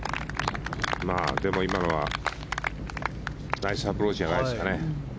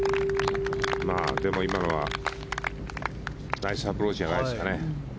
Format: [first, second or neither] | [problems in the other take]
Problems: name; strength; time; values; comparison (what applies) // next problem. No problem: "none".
first | background sound (Keyboard (musical)); 5 dB below the speech